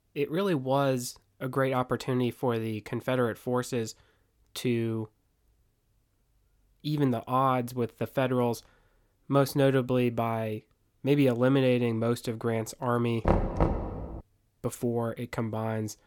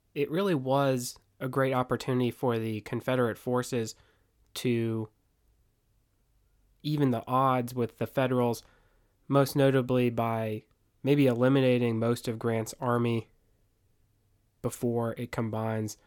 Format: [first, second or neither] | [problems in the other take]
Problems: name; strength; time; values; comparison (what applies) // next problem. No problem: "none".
second | door banging; loud; at 13 s; peak 2 dB above the speech